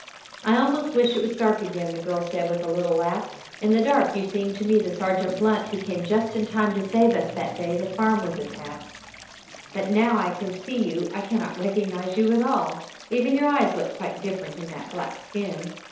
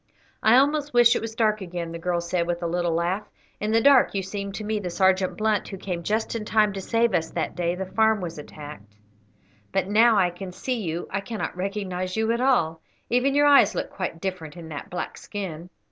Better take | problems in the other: second | background sound (Stream); 19 dB below the speech // room echo; dies away in 2.2 s

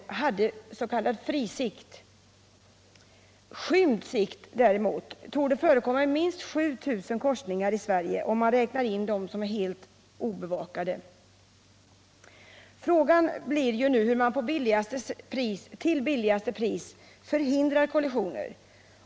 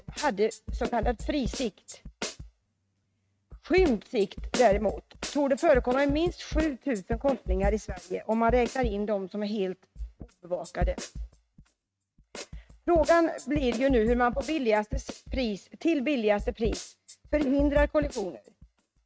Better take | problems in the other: first | noise reduction (neural mask model RNNoise)

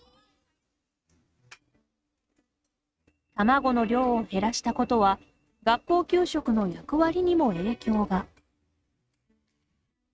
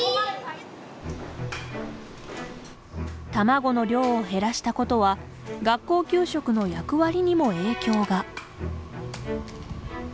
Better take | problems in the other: second | noise reduction (neural mask model RNNoise)

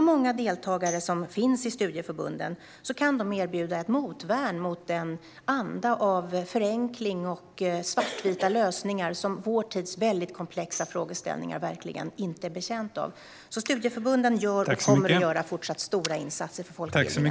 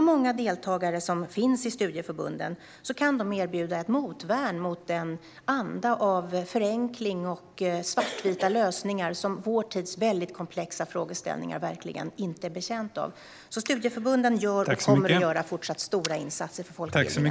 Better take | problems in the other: second | background sound (Tambourine); 17 dB below the speech

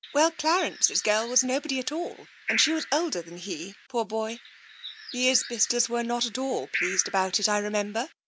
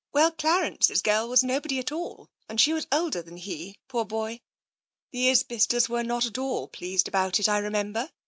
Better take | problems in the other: second | background sound (Bird); 11 dB below the speech

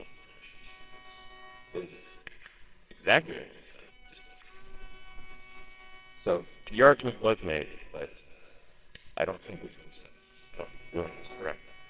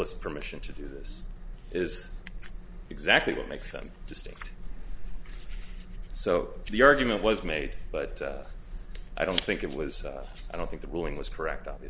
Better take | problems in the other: second | noise reduction (neural separator model SepFormer WHAMR!)

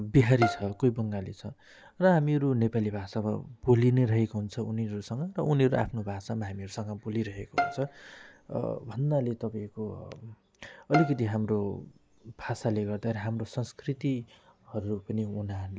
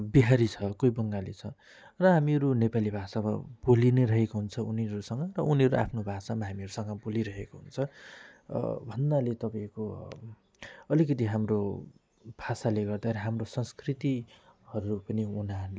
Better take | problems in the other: second | background sound (Bowed string instrument); 9 dB below the speech

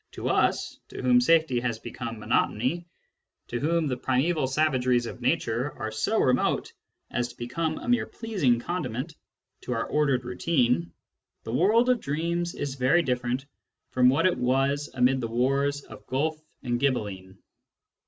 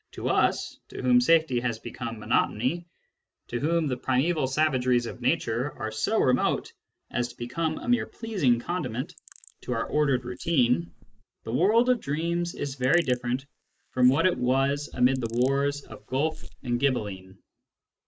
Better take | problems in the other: first | noise reduction (neural mask model Resemble Enhance denoiser)

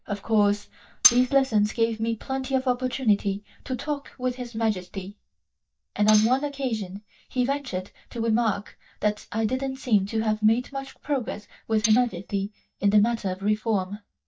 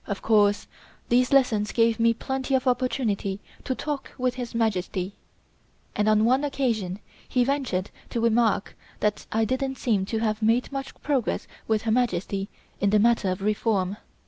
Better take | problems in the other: second | noise reduction (neural mask model DeepFilterNet 3)

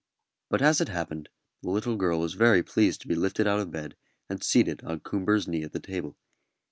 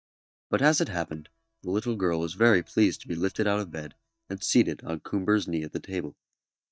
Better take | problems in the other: first | noise reduction (neural mask model DeepFilterNet 3)

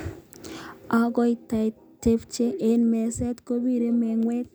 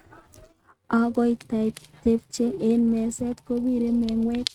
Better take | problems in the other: first | noise reduction (neural mask model RNNoise)

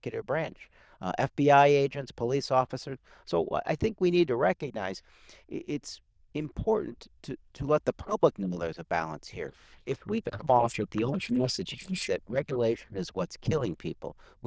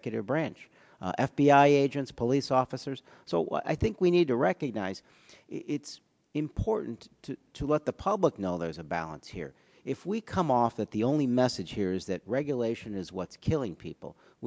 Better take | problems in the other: second | noise reduction (neural diffusion model UNIVERSE++)

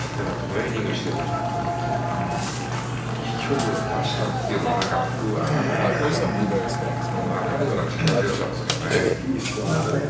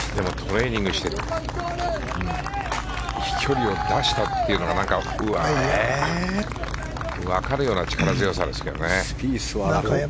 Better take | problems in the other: second | background sound (Burping, eructation); as loud as the speech // room echo; dies away in 0.9 s

